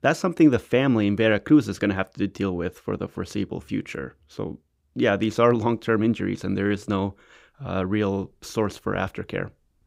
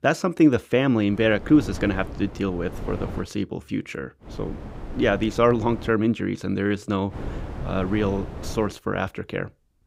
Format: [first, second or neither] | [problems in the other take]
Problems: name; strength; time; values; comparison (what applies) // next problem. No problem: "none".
first | wind noise on the microphone; occasional gusts; from 1 to 3 s, from 4.5 to 6 s and from 7 to 8.5 s; 15 dB below the speech